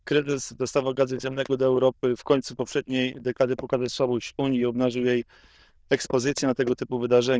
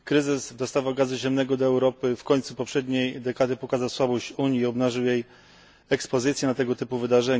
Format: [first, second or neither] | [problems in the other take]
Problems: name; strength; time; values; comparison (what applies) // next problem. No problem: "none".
second | noise reduction (neural diffusion model UNIVERSE++)